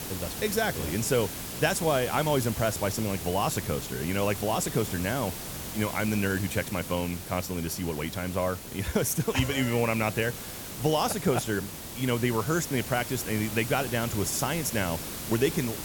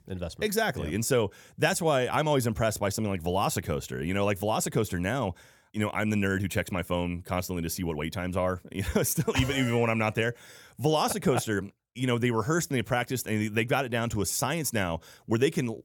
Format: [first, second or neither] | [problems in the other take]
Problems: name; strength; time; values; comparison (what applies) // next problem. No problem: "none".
second | hiss; loud; throughout; 7 dB below the speech